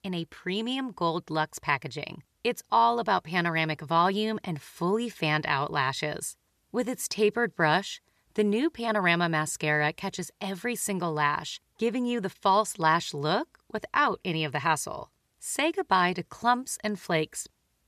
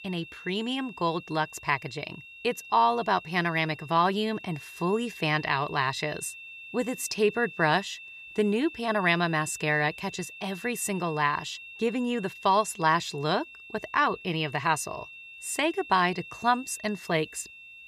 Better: first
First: none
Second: high-pitched whine; noticeable; throughout; 2.5 kHz, 15 dB below the speech

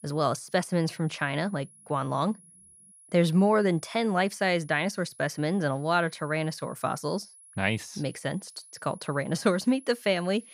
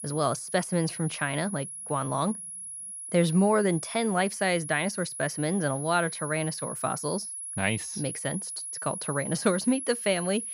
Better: first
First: high-pitched whine; faint; throughout; 10.5 kHz, 25 dB below the speech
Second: high-pitched whine; loud; throughout; 10.5 kHz, 7 dB below the speech

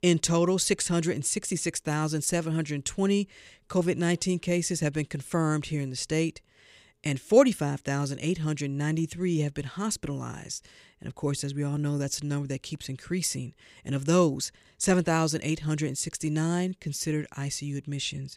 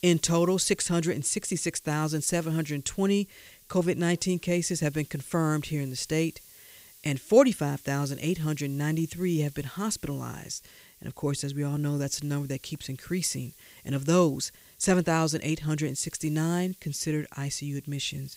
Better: first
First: none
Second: hiss; faint; throughout; 25 dB below the speech

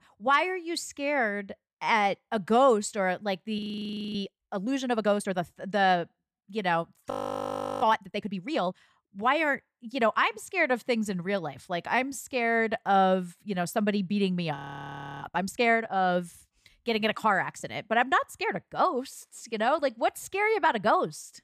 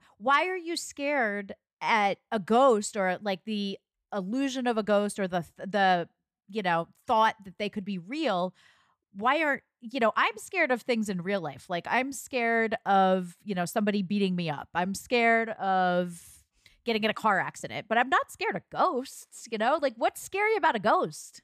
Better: second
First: audio freezing; at 3.5 s for 0.5 s, at 7 s for 0.5 s and at 15 s for 0.5 s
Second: none

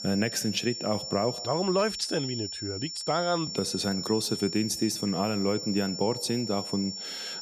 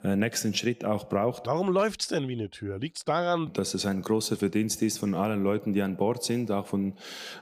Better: second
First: high-pitched whine; loud; throughout; 5.5 kHz, 5 dB below the speech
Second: none

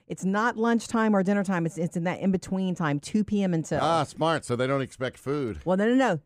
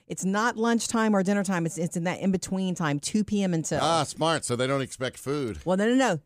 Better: second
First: muffled; slightly; fading above 3 kHz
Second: none

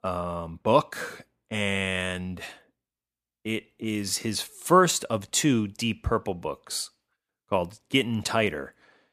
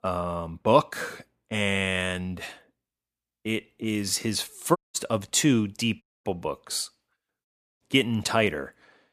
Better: first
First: none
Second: audio cutting out; at 5 s, at 6 s and at 7.5 s

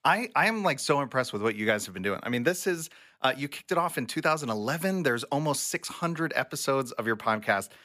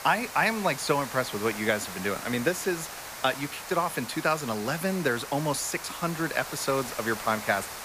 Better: first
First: none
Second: hiss; loud; throughout; 9 dB below the speech

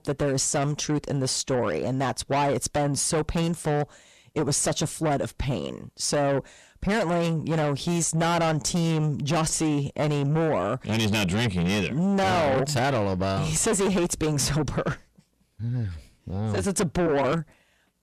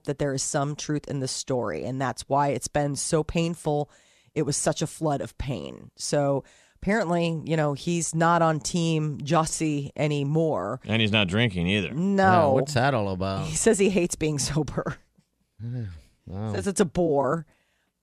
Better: second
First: distortion; heavy; 6 dB below the speech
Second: none

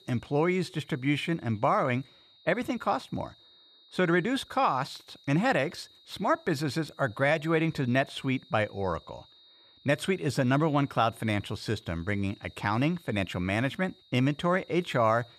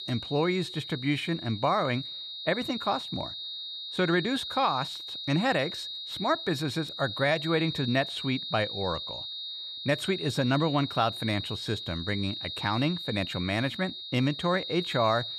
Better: first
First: high-pitched whine; faint; throughout; 4 kHz, 25 dB below the speech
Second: high-pitched whine; loud; throughout; 4 kHz, 6 dB below the speech

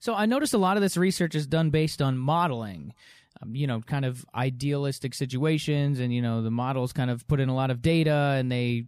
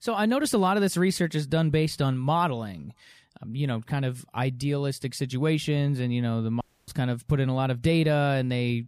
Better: first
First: none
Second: audio cutting out; at 6.5 s

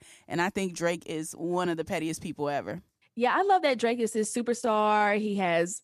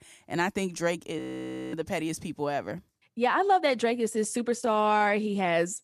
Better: first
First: none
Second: audio freezing; at 1 s for 0.5 s

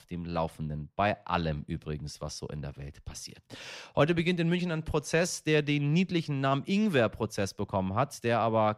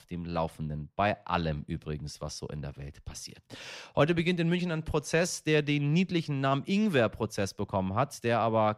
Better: neither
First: none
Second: none

